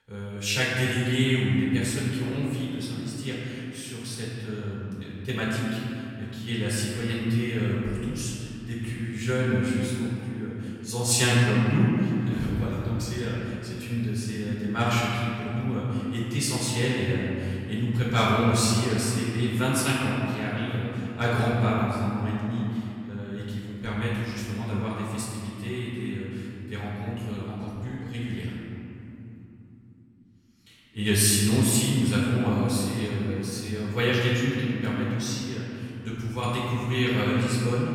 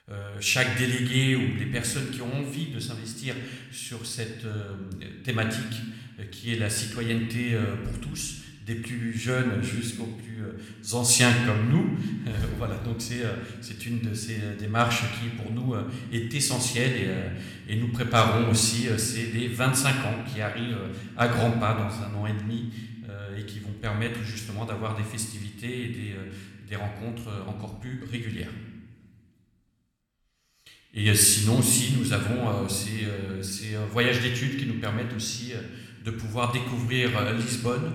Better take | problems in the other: second | room echo; strong; dies away in 3 s; slight in the second // off-mic speech; far

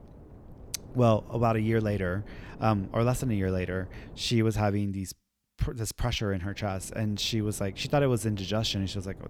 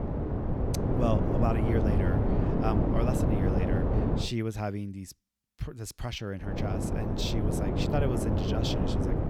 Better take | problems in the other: first | wind noise on the microphone; heavy; until 4 s and from 6.5 s on; 2 dB above the speech; occasional gusts in the first

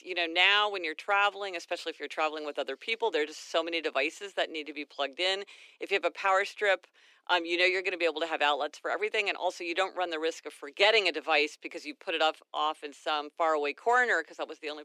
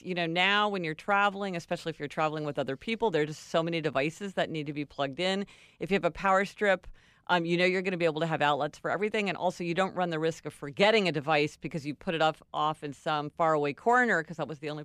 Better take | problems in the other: second | thin; very; fading below 300 Hz

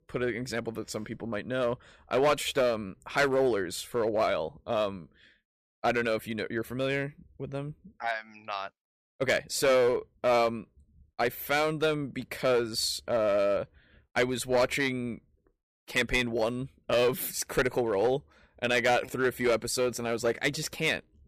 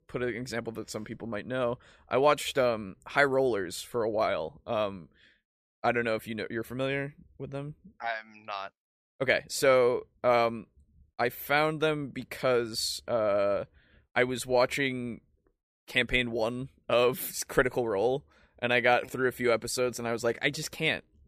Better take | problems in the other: second | distortion; slight; 4% of the sound clipped

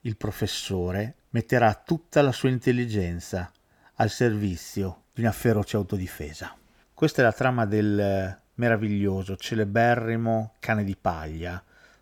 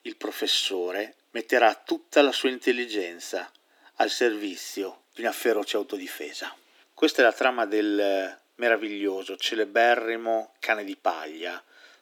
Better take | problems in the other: first | thin; somewhat; fading below 300 Hz

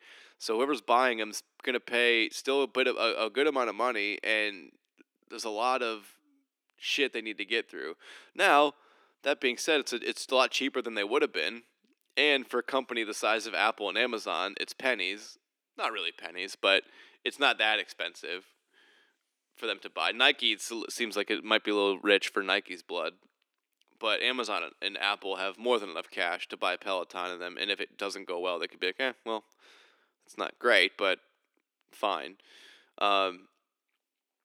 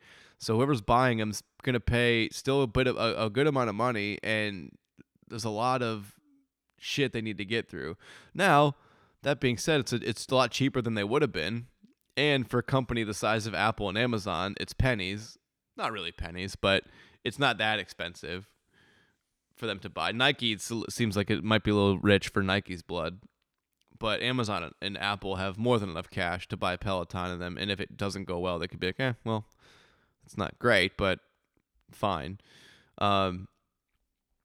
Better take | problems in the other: second | thin; somewhat; fading below 300 Hz

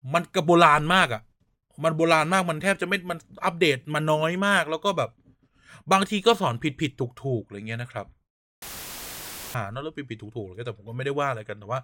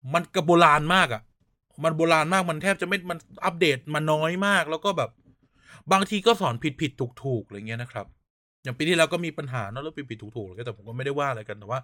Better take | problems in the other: second | audio cutting out; filled with static; at 8.5 s for 1 s

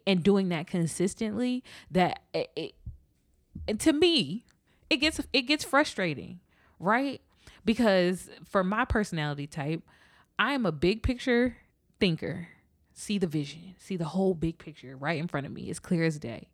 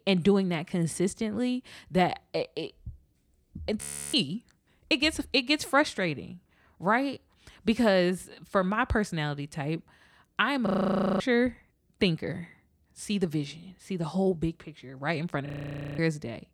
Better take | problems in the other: first | audio freezing; at 4 s, at 11 s for 0.5 s and at 15 s for 0.5 s

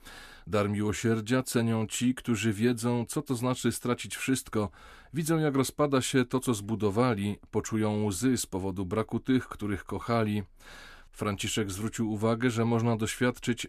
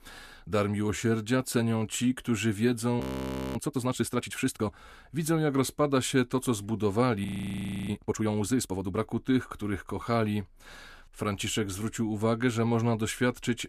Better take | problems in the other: first | audio freezing; at 3 s for 0.5 s and at 7.5 s for 0.5 s

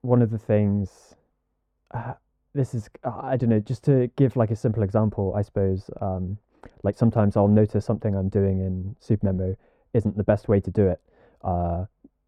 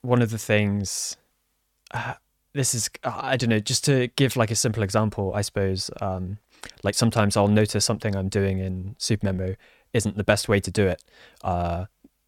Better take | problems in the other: second | muffled; very; fading above 1.5 kHz

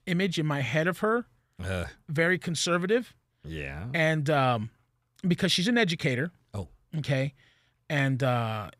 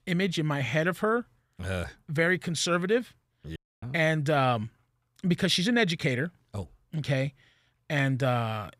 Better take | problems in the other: first | audio cutting out; at 3.5 s

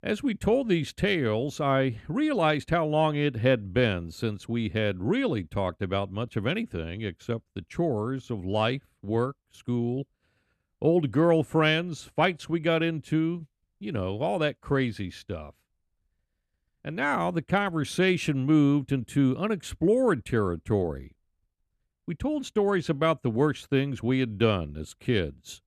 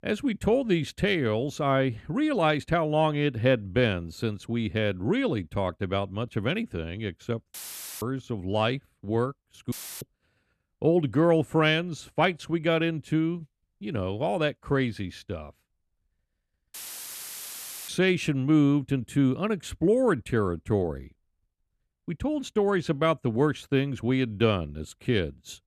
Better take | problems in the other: first | audio cutting out; filled with static; at 7.5 s, at 9.5 s and at 17 s for 1 s

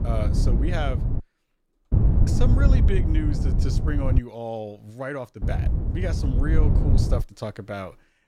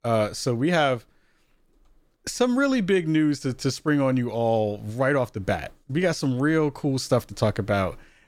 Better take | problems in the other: second | wind noise on the microphone; heavy; until 1 s, from 2 to 4 s and from 5.5 to 7 s; 3 dB below the speech

